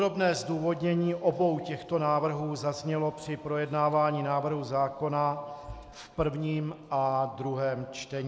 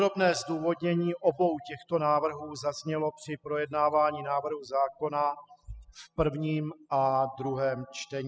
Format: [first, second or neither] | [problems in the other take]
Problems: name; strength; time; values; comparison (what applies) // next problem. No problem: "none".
first | noise reduction (classical method spectral subtraction)